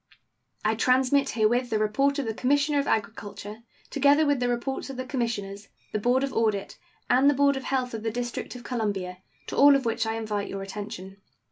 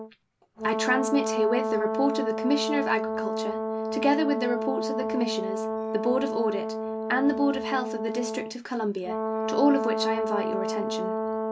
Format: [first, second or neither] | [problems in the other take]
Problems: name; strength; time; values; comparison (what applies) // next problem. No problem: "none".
first | background sound (Brass instrument); 1 dB below the speech